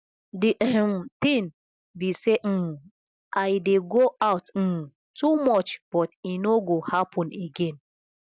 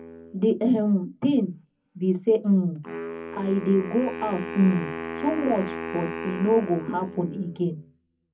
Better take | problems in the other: first | background sound (Wind instrument, woodwind instrument); 11 dB below the speech // room echo; dies away in 0.3 s

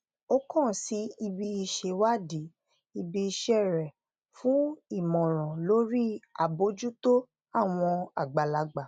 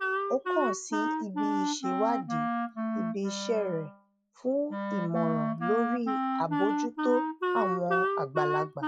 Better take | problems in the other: first | noise reduction (classical method log-MMSE)

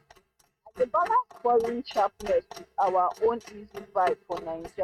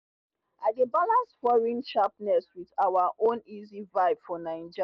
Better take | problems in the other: second | noise reduction (neural mask model RNNoise)

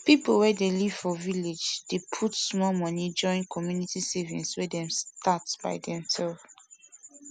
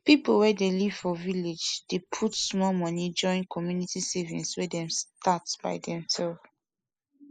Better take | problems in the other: first | noise reduction (neural mask model Resemble Enhance denoiser)

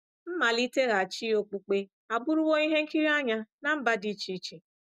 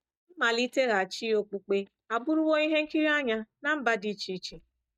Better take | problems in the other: first | noise reduction (neural mask model DeepFilterNet 3)

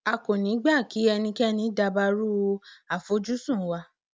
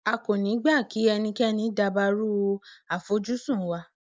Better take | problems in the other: first | noise reduction (neural mask model Resemble Enhance denoiser)

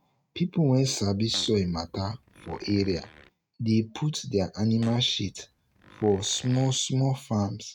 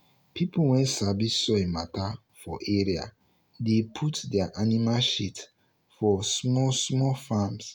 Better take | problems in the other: second | noise reduction (neural mask model RNNoise)

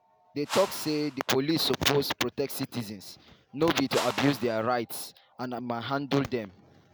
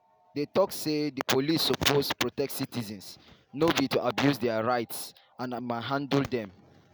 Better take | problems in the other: second | background sound (Whoosh, swoosh, swish); 10 dB below the speech

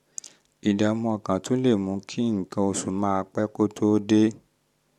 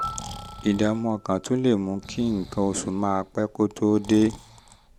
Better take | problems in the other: first | background sound (Breathing + Piano); 16 dB below the speech

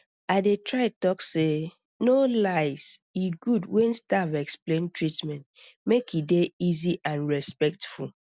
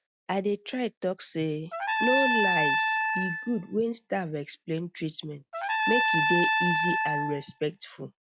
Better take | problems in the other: first | noise reduction (classical method log-MMSE)

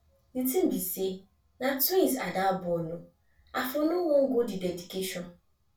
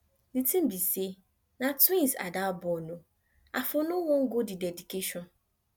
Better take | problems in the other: second | room echo; dies away in 0.2 s

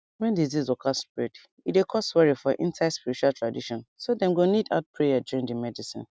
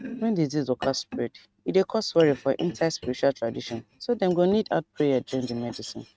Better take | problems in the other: first | noise reduction (neural mask model RNNoise)

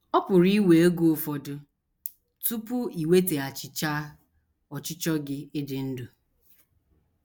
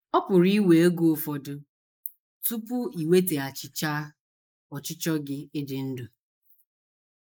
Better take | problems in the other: first | noise reduction (neural mask model Resemble Enhance denoiser)

